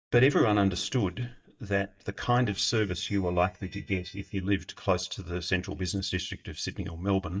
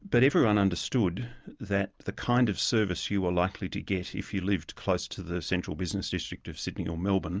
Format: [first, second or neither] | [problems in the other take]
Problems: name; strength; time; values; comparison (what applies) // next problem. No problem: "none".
second | noise reduction (neural mask model DeepFilterNet 3)